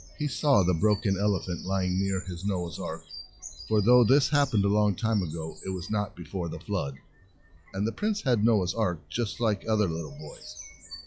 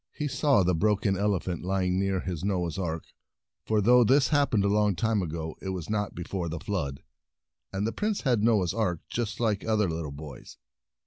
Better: second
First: noise reduction (classical method log-MMSE)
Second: none

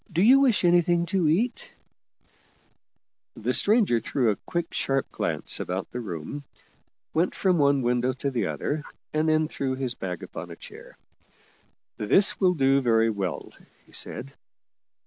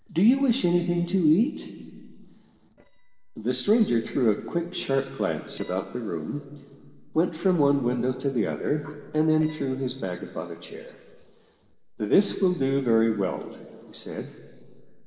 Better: first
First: none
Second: noise reduction (neural separator model SepFormer DNS4)

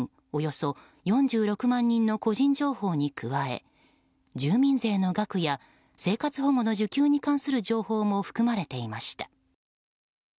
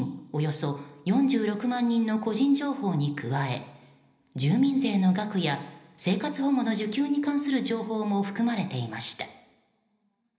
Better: first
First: none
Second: room echo; dies away in 0.8 s

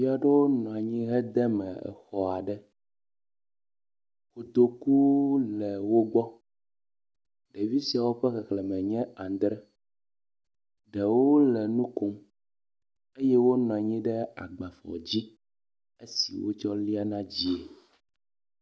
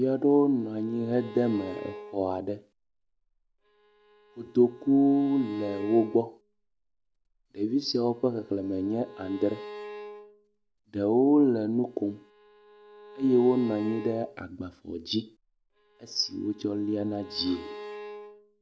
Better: first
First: none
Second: background sound (Bowed string instrument); 18 dB below the speech

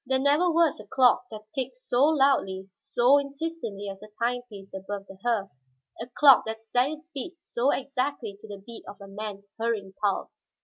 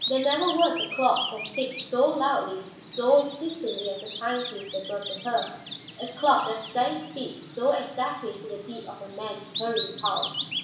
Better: first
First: none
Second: background sound (Bird vocalization, bird call, bird song); 9 dB below the speech // room echo; dies away in 0.7 s

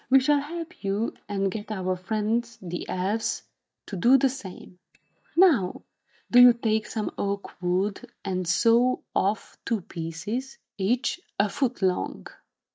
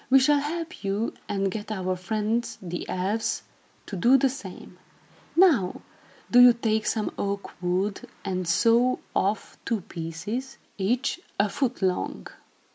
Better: second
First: noise reduction (neural mask model DeepFilterNet 3)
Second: none

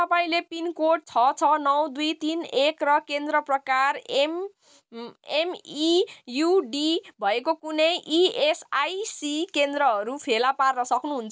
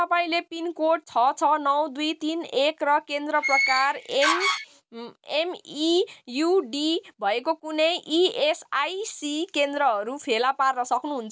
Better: first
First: none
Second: background sound (Door); 1 dB below the speech

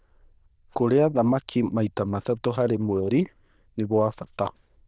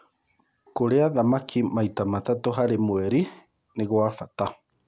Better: second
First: noise reduction (neural diffusion model UNIVERSE++)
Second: none

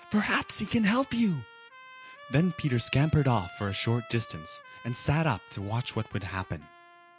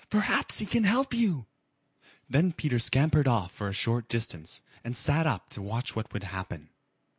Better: second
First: background sound (Trumpet); 20 dB below the speech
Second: none

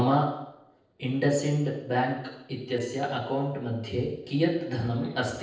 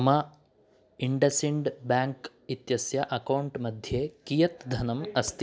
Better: second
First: noise reduction (neural separator model SepFormer DNS4)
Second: none

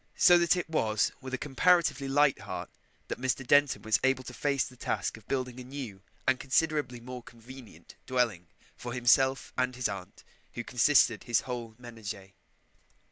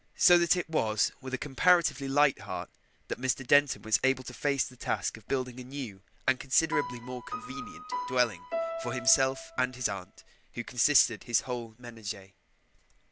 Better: first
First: none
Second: background sound (Piano); 7 dB below the speech

